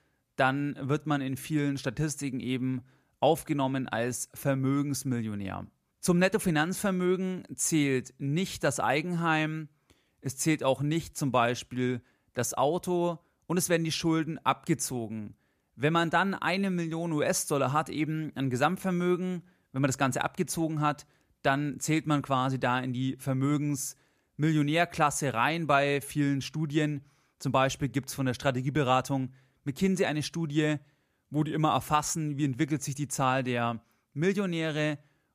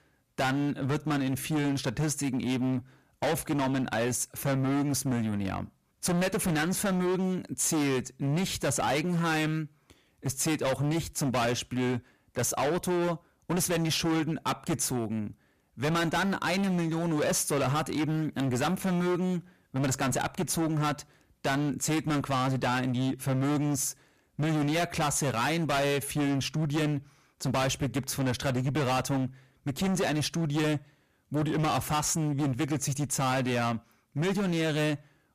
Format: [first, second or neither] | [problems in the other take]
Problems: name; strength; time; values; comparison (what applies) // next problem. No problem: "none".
first | distortion; heavy; 25% of the sound clipped